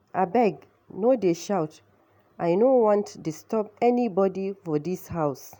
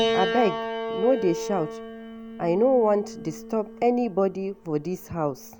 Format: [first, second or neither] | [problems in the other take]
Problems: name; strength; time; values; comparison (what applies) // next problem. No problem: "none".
first | background sound (Piano); 6 dB below the speech